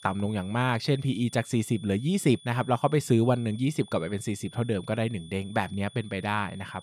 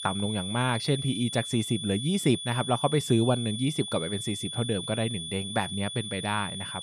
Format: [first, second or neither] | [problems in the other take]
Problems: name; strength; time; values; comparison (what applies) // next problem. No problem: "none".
first | high-pitched whine; loud; throughout; 3.5 kHz, 6 dB below the speech; faint in the first